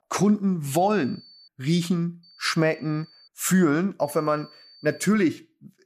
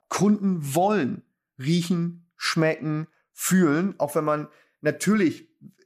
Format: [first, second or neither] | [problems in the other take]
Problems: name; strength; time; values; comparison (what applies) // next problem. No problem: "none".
second | high-pitched whine; faint; at 0.5 s, from 2 to 3.5 s and from 4 to 5 s; 4.5 kHz, 25 dB below the speech